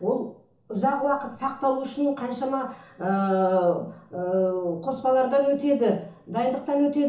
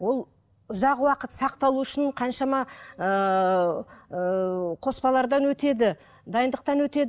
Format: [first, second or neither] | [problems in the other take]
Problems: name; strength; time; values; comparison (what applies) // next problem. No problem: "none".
second | room echo; dies away in 0.8 s